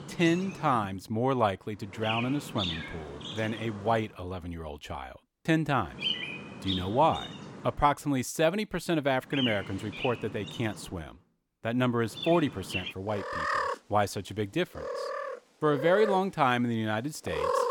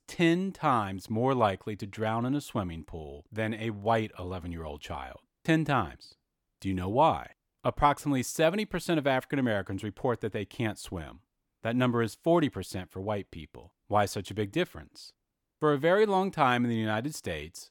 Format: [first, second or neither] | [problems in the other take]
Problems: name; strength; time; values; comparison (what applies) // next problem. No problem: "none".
second | animal sounds; loud; throughout; 6 dB below the speech